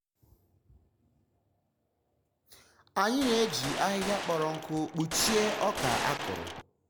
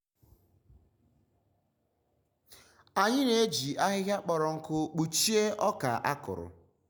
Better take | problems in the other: second | background sound (Gunshot, gunfire); 3 dB below the speech

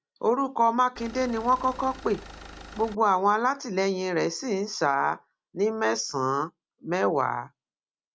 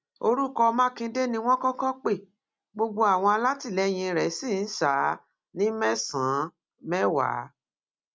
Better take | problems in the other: second | background sound (Engine); 16 dB below the speech

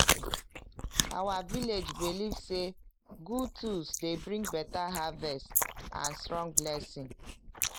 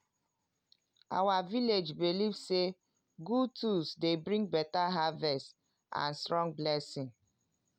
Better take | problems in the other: second | noise reduction (neural mask model Resemble Enhance denoiser)

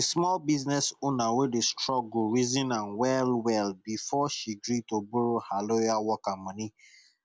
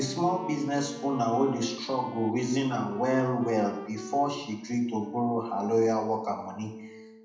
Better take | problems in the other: first | background sound (Wind instrument, woodwind instrument); 16 dB below the speech // room echo; dies away in 0.7 s

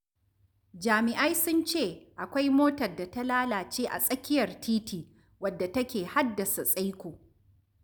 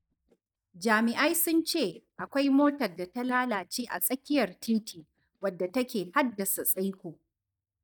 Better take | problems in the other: first | noise reduction (neural mask model DeepFilterNet 3)

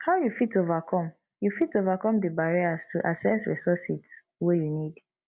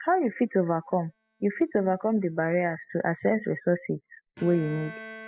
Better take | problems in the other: first | noise reduction (classical method spectral subtraction)

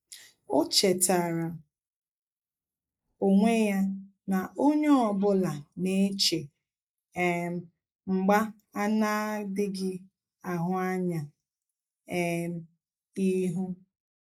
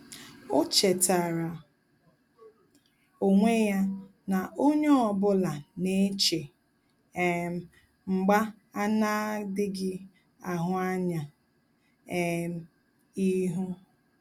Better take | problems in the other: second | noise reduction (neural mask model Resemble Enhance denoiser)

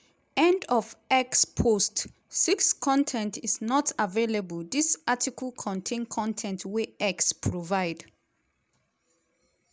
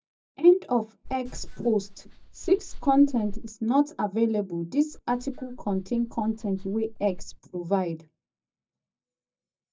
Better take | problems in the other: first | noise reduction (neural mask model DeepFilterNet 3)

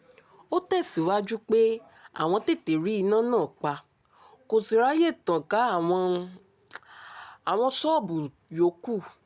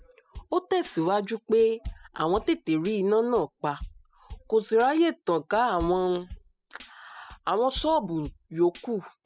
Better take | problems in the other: first | noise reduction (classical method spectral subtraction)

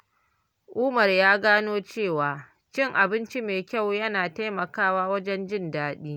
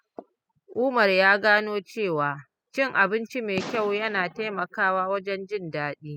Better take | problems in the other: first | noise reduction (classical method spectral subtraction)

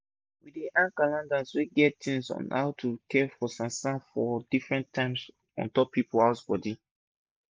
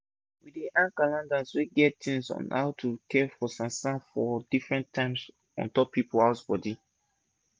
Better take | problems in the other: second | noise reduction (neural mask model Resemble Enhance denoiser)

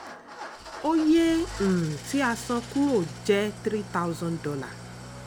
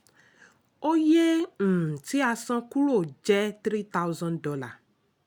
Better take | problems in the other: second | background sound (Idling / Engine starting); 13 dB below the speech

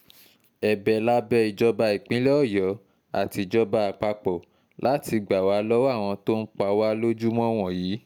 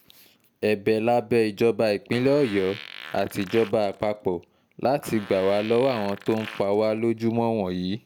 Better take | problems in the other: first | background sound (Fart); 18 dB below the speech

